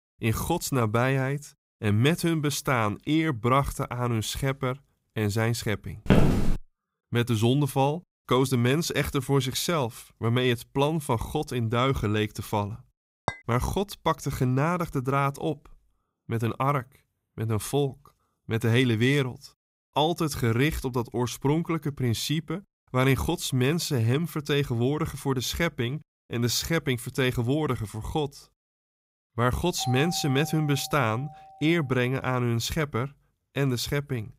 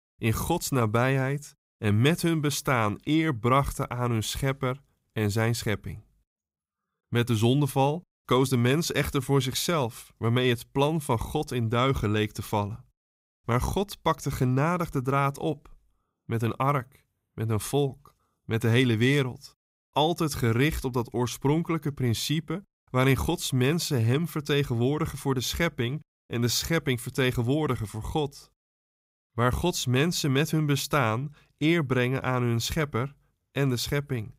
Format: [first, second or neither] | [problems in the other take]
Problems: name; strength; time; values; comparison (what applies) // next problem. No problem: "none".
second | footsteps; loud; at 6 s; peak 5 dB above the speech // clattering dishes; very faint; at 13 s; peak 8 dB below the speech // doorbell; noticeable; from 30 to 32 s; peak 9 dB below the speech